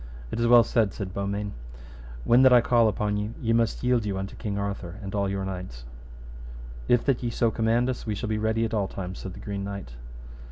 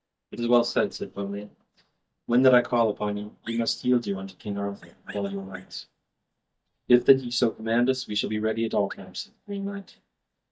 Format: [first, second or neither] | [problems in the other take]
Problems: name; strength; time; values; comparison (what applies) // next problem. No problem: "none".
first | noise reduction (neural mask model DeepFilterNet 3)